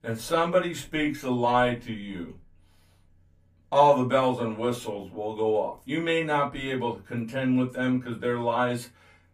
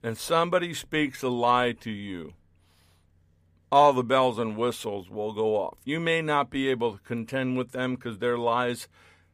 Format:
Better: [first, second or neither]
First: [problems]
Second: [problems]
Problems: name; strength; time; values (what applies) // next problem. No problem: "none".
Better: second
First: off-mic speech; far // room echo; very slight; dies away in 0.2 s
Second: none